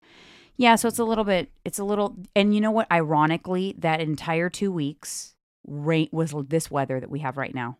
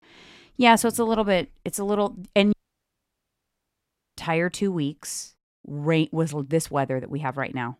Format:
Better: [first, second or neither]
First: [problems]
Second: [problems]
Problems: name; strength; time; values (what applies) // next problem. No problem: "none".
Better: first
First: none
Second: audio cutting out; at 2.5 s for 1.5 s